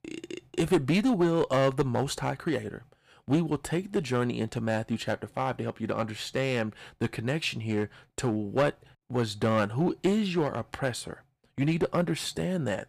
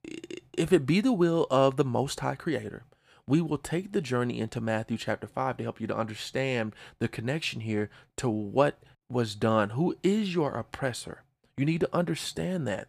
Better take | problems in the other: second | distortion; slight; 3% of the sound clipped

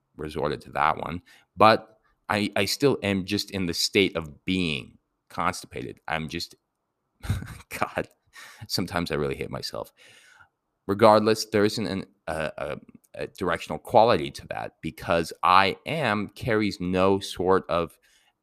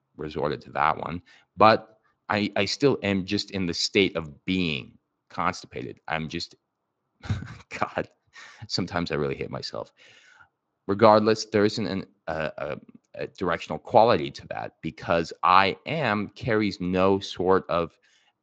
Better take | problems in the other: first | garbled, watery; slightly

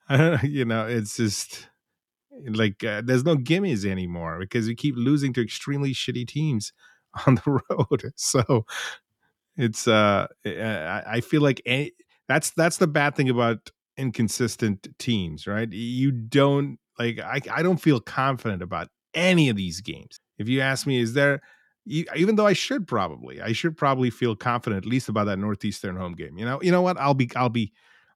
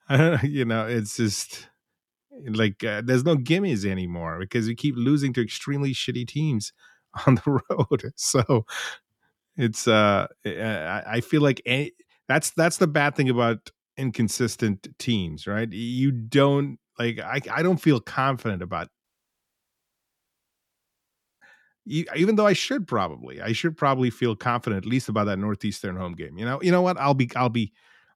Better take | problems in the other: first | audio cutting out; at 19 s for 2.5 s

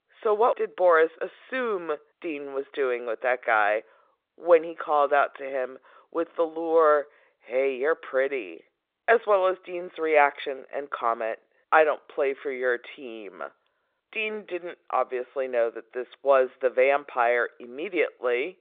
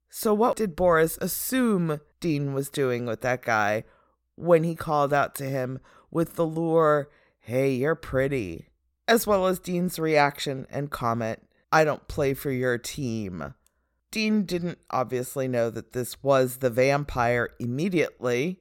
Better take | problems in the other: second | phone-call audio; nothing above 3.5 kHz

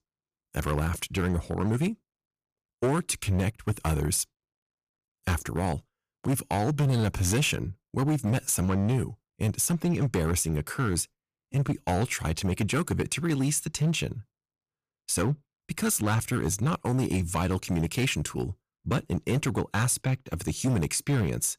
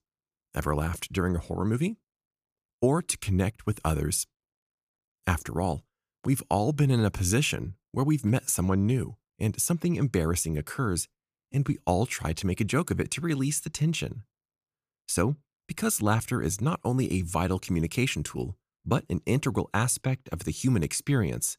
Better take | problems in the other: second | distortion; slight; 9% of the sound clipped

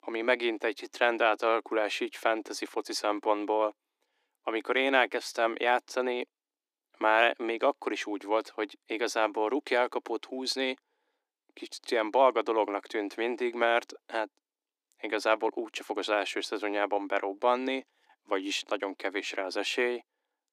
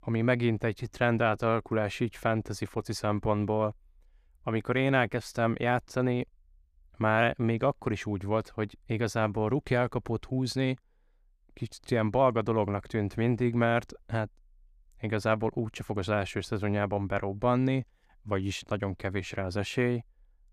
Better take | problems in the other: second | thin; somewhat; fading below 300 Hz

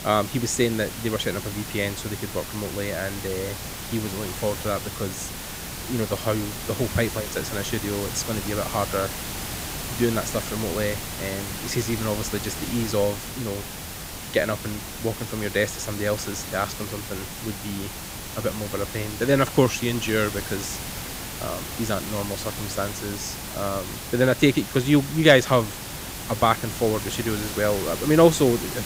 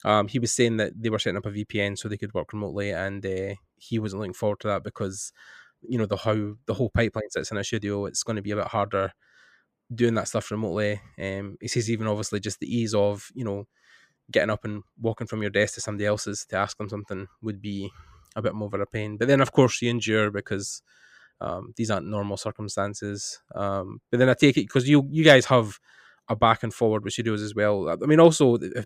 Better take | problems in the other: second | hiss; loud; throughout; 7 dB below the speech

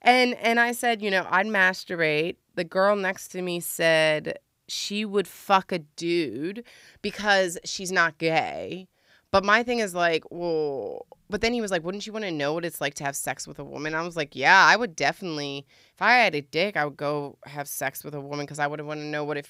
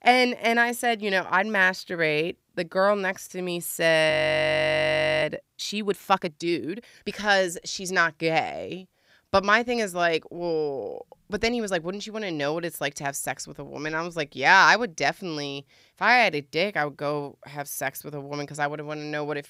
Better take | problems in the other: first | audio freezing; at 4 s for 1 s

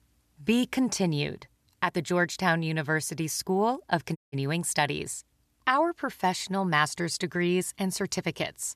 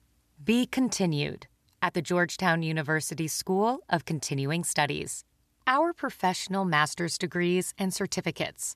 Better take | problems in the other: second | audio cutting out; at 4 s

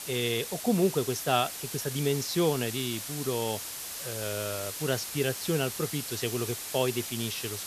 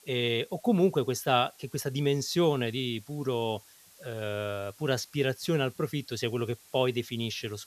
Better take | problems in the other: second | hiss; loud; throughout; 5 dB below the speech; faint in the second

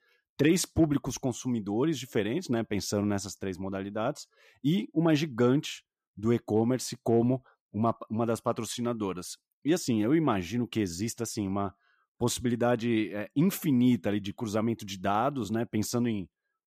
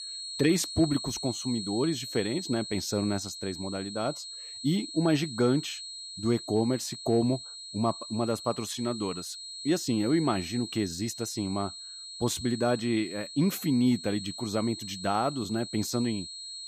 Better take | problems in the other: first | high-pitched whine; loud; throughout; 4 kHz, 9 dB below the speech

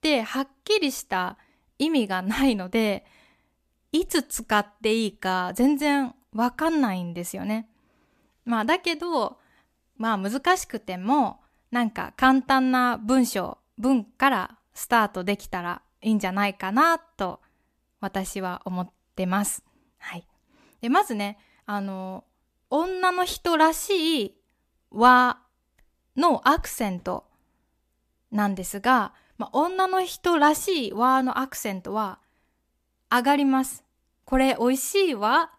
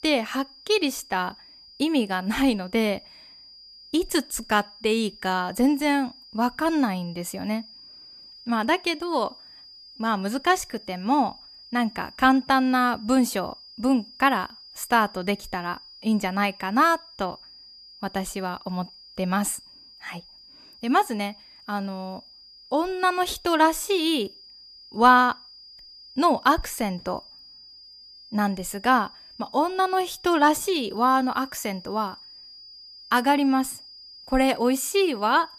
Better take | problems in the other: first | high-pitched whine; faint; throughout; 5 kHz, 20 dB below the speech

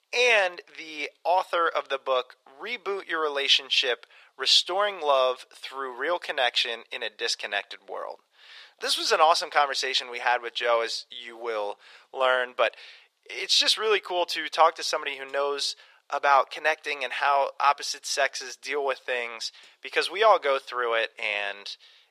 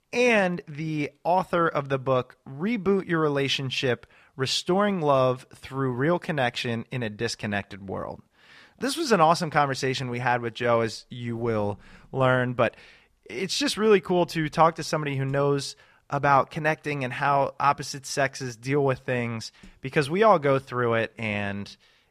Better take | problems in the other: second | thin; very; fading below 450 Hz

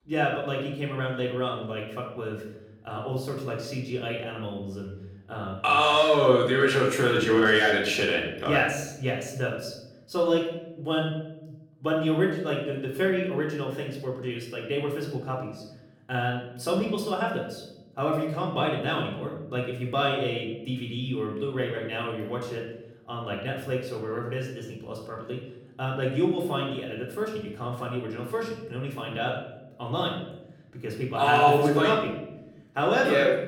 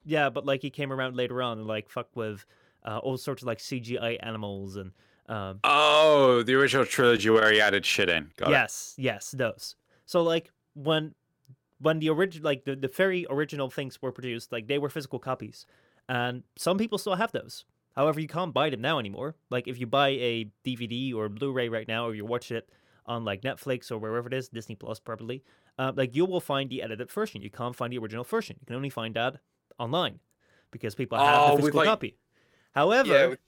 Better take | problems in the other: second | off-mic speech; far // room echo; noticeable; dies away in 0.8 s

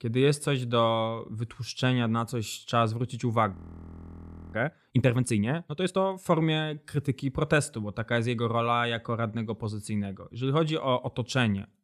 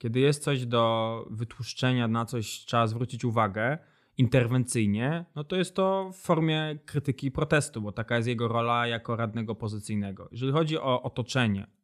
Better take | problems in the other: second | audio freezing; at 3.5 s for 1 s

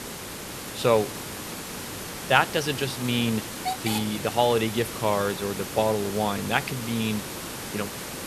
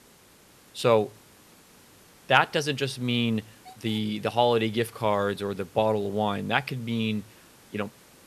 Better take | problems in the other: second | hiss; loud; throughout; 7 dB below the speech; faint in the second

